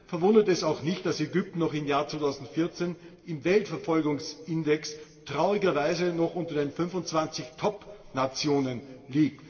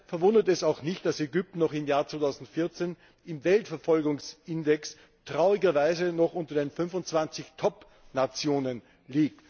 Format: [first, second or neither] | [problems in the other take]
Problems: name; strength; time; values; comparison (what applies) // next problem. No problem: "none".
second | room echo; dies away in 1.3 s